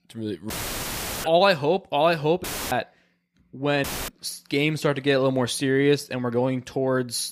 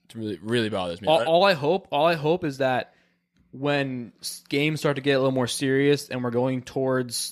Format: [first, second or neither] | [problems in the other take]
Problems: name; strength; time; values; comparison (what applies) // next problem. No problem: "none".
second | audio cutting out; filled with static; at 0.5 s for 0.5 s, at 2.5 s and at 4 s